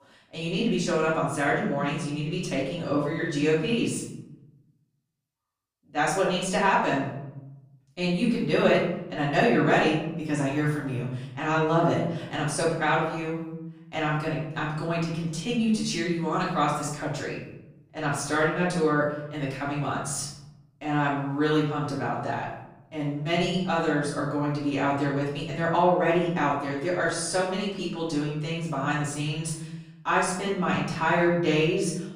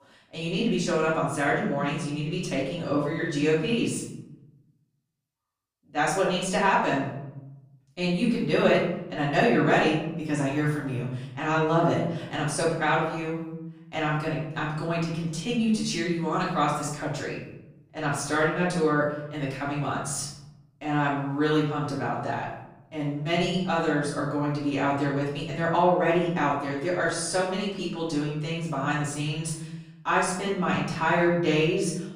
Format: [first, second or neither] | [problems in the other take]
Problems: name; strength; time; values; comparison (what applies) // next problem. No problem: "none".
neither | off-mic speech; far; the same in both // room echo; noticeable; dies away in 0.8 s; the same in both